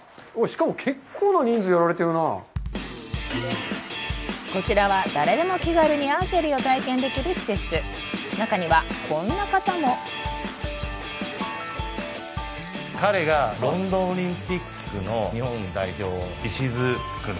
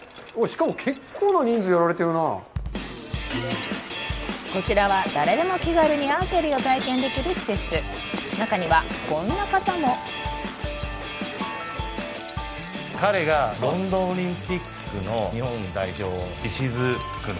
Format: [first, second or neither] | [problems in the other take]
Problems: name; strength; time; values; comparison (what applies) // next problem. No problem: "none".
first | background sound (Livestock, farm animals, working animals + Liquid); 17 dB below the speech